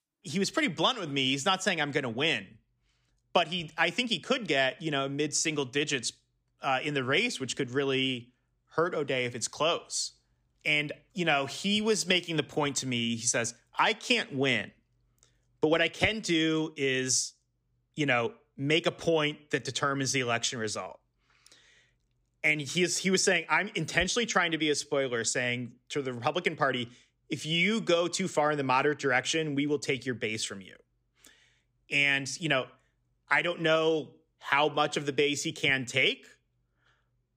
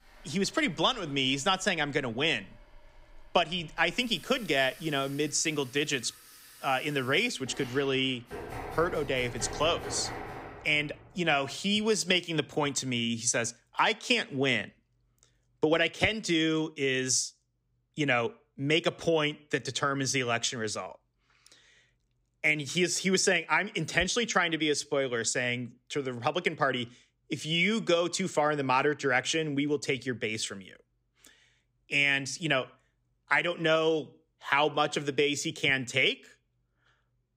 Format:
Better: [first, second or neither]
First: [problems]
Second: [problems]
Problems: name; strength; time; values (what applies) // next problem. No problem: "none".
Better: first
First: none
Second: household noises; noticeable; until 10 s; 15 dB below the speech